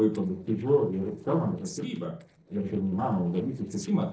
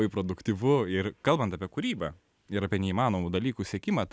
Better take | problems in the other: second | noise reduction (neural separator model SepFormer DNS4)

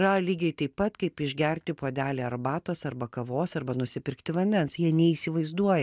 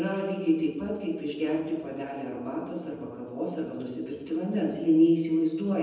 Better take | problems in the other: first | room echo; dies away in 1.1 s

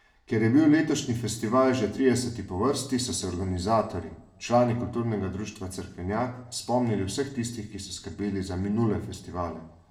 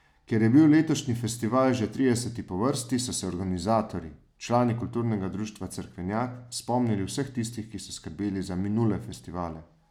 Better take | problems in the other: second | room echo; dies away in 0.6 s

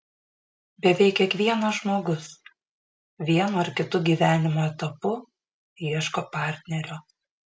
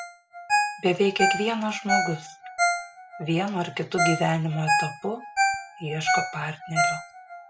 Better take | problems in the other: first | background sound (Ringtone); 1 dB above the speech

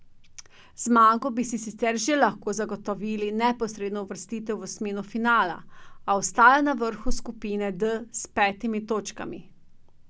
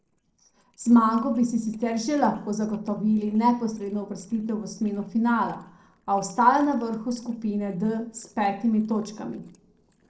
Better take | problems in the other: first | noise reduction (neural separator model SepFormer DNS4)

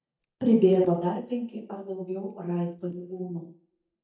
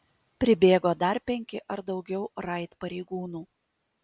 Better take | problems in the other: second | noise reduction (neural mask model DeepFilterNet 3)

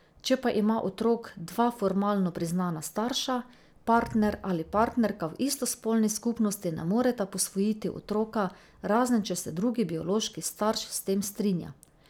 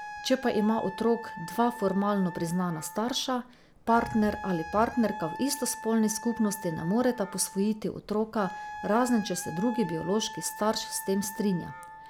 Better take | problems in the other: first | background sound (Wind instrument, woodwind instrument); 13 dB below the speech

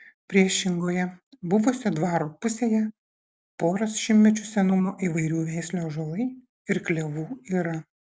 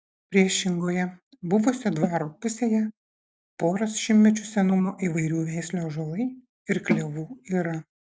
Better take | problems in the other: first | noise reduction (neural mask model DeepFilterNet 3)

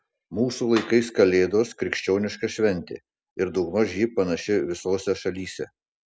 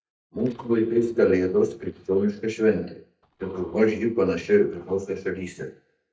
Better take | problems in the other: first | noise reduction (neural mask model DeepFilterNet 3)

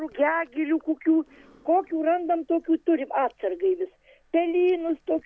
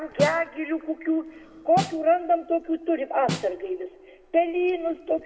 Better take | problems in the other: first | background sound (Snare drum); 10 dB below the speech // room echo; dies away in 1.3 s

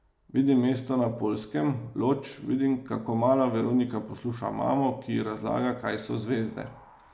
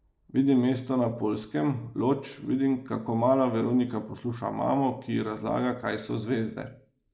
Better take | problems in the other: first | noise reduction (neural mask model Resemble Enhance denoiser)

